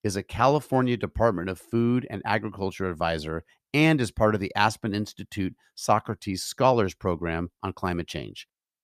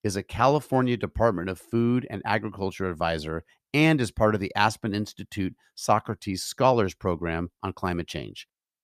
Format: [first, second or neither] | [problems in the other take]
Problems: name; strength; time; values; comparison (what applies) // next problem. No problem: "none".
neither | none